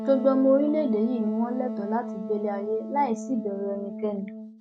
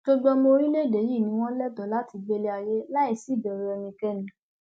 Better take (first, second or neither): second